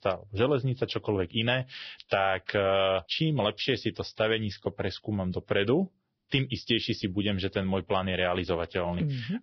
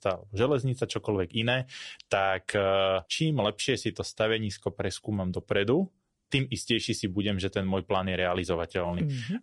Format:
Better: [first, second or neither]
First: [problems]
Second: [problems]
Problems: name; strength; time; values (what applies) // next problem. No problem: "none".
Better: second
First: garbled, watery; badly; nothing above 5.5 kHz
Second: garbled, watery; slightly; nothing above 10.5 kHz